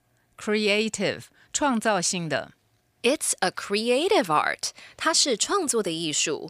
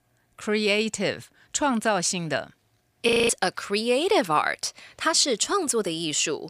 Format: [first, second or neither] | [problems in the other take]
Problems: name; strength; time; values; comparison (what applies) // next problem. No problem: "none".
first | audio freezing; at 3 s